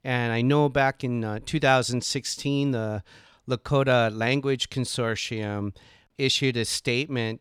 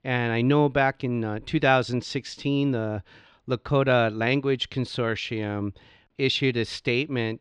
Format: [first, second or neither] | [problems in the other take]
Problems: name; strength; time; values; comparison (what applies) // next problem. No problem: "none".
first | muffled; very slightly; fading above 3 kHz